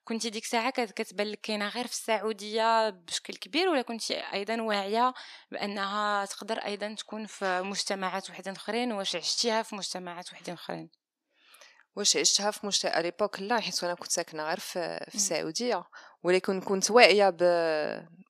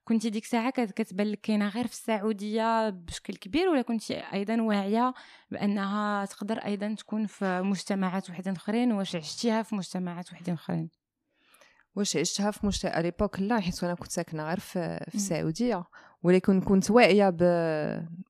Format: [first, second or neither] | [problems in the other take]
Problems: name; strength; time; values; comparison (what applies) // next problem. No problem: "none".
second | thin; somewhat; fading below 400 Hz